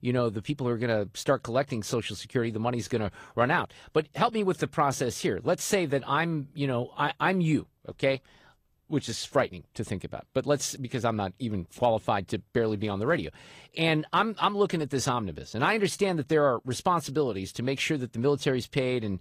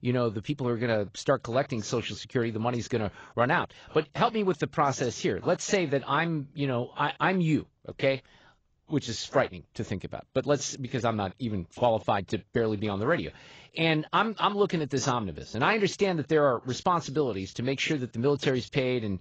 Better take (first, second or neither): first